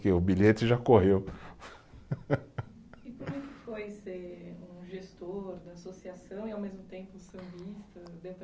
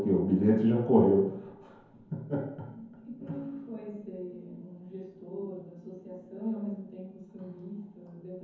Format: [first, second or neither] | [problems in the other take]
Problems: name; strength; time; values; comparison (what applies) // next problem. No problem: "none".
first | room echo; dies away in 0.9 s